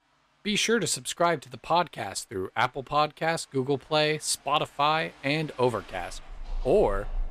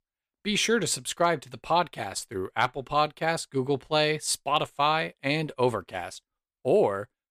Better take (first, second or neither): second